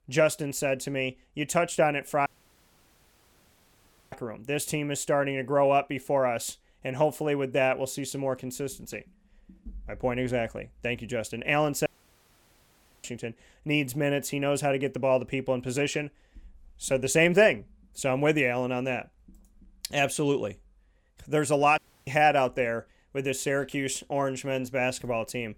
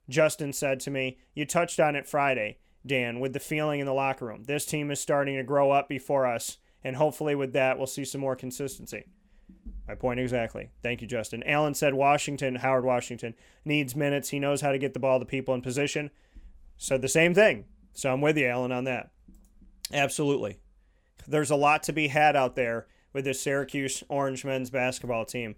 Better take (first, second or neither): second